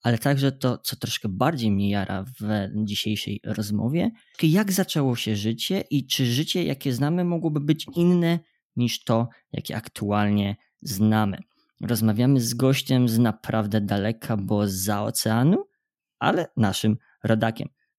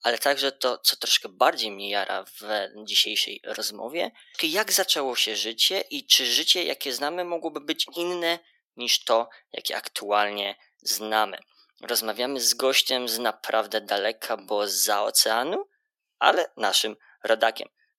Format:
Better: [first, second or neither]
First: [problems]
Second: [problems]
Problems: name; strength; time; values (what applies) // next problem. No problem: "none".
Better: first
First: none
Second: thin; very; fading below 450 Hz